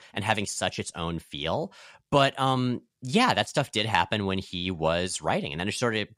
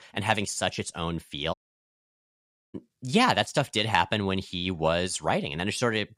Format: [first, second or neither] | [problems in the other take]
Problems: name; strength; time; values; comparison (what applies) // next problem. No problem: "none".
first | audio cutting out; at 1.5 s for 1 s